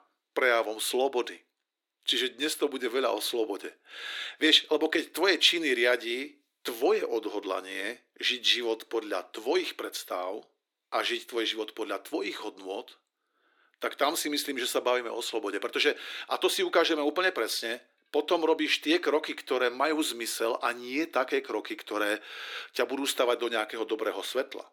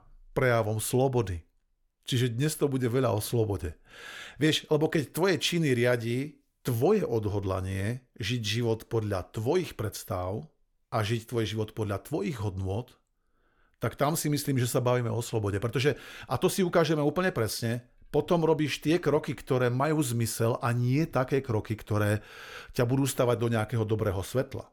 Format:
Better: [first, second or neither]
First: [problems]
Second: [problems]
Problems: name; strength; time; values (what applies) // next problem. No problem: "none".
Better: second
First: thin; somewhat; fading below 300 Hz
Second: none